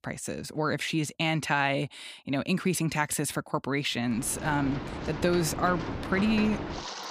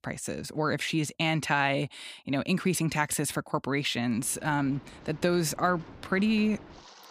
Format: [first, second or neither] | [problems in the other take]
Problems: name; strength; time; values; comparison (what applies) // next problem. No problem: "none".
second | rain or running water; loud; from 4 s on; 7 dB below the speech; faint in the second